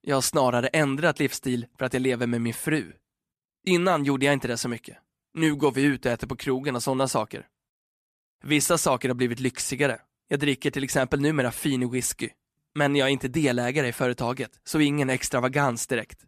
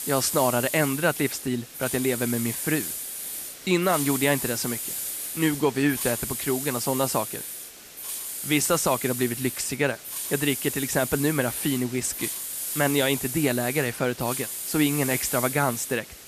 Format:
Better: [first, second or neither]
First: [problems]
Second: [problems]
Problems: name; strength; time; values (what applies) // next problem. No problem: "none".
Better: first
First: none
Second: hiss; loud; throughout; 5 dB below the speech